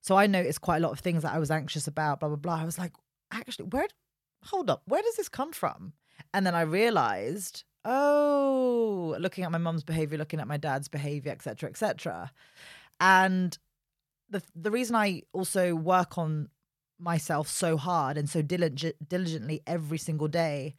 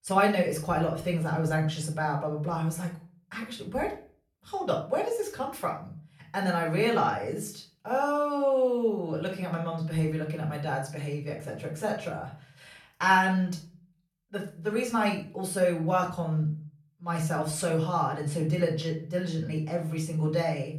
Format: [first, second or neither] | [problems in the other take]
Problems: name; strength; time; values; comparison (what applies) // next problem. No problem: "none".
first | off-mic speech; far // room echo; slight; dies away in 0.3 s